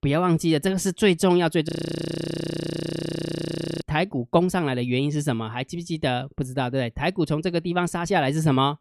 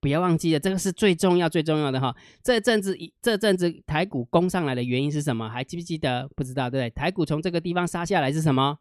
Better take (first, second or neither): second